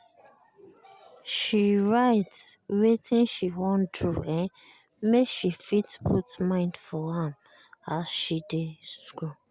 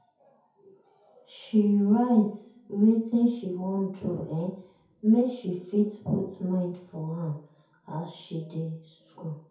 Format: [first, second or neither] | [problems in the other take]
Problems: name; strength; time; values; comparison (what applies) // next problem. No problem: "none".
first | room echo; dies away in 0.6 s